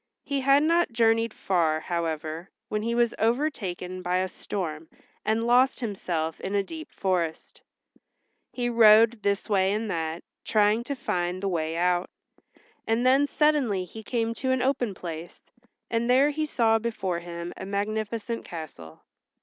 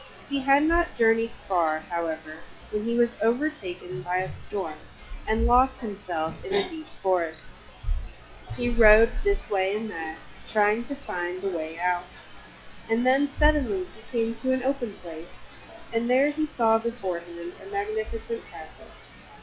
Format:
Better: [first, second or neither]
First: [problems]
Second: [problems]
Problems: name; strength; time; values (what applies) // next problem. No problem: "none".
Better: first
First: none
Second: noise reduction (classical method log-MMSE)